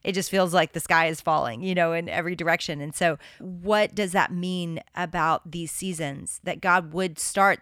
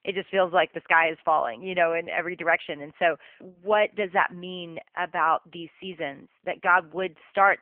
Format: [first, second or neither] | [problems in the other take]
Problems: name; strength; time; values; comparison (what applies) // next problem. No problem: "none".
first | phone-call audio; poor line; nothing above 3 kHz